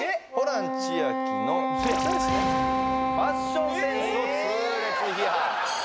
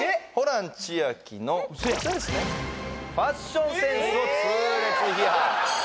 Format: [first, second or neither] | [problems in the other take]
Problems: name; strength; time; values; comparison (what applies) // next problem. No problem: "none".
second | background sound (Wind instrument, woodwind instrument); as loud as the speech